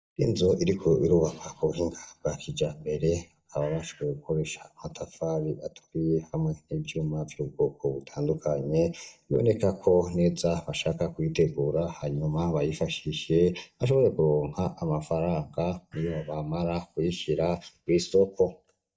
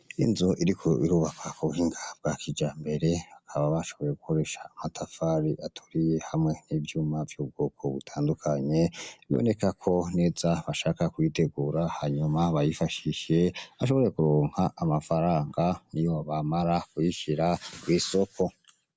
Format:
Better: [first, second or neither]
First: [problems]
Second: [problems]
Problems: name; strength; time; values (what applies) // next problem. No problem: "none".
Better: second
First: noise reduction (neural mask model DeepFilterNet 3)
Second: none